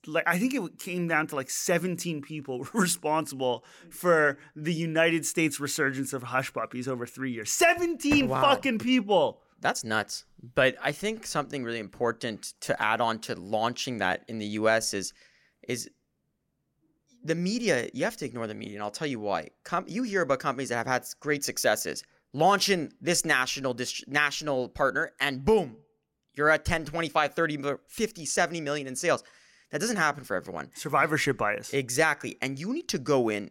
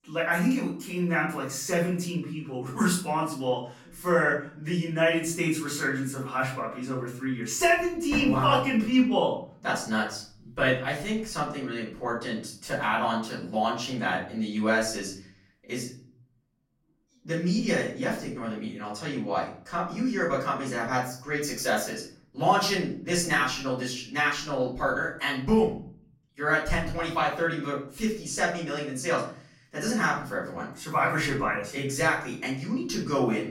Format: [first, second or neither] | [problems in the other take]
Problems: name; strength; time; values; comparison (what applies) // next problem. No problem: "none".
first | off-mic speech; far // room echo; slight; dies away in 0.5 s